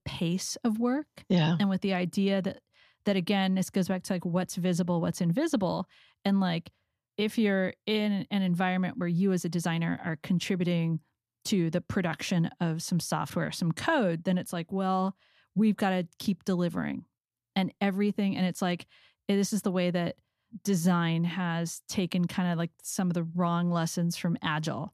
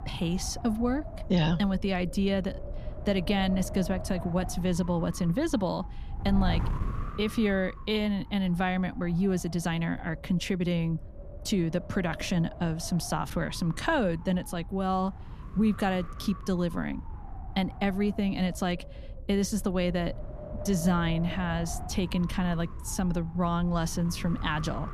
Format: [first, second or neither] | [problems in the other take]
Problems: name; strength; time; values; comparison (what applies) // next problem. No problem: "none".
first | wind noise on the microphone; occasional gusts; 15 dB below the speech